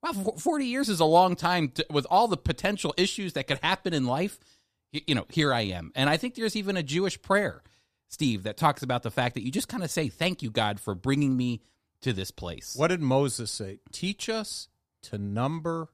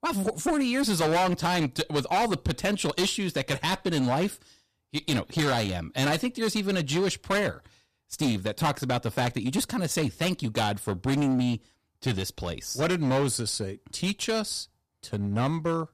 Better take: first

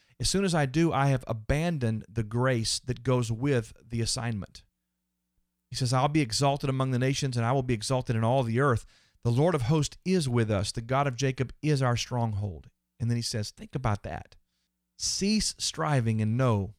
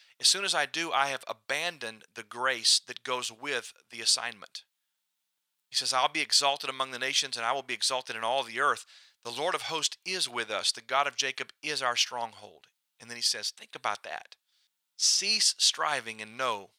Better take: first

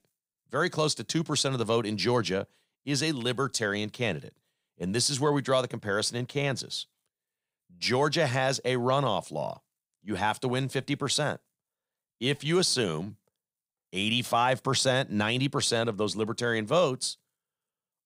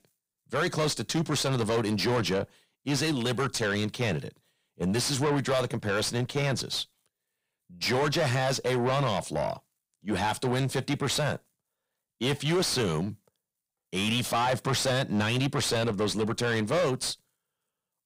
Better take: first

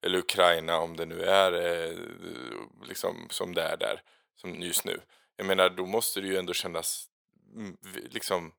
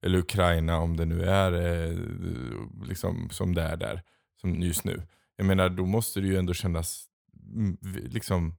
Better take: second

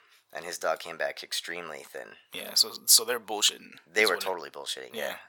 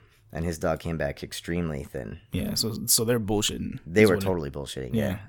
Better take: second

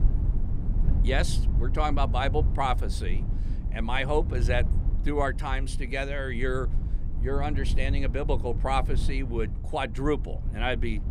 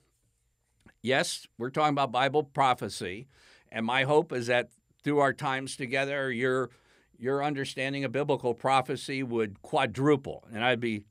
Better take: second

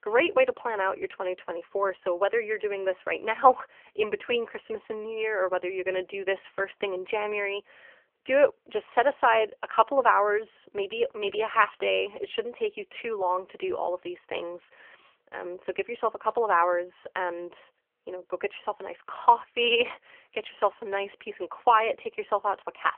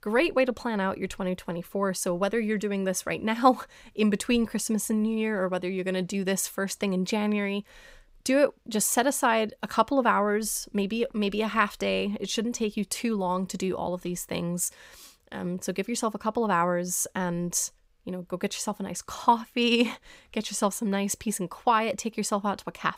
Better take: second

